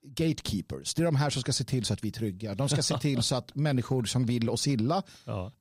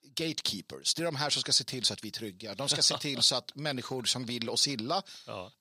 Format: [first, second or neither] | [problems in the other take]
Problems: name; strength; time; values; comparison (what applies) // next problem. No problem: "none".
first | thin; somewhat; fading below 650 Hz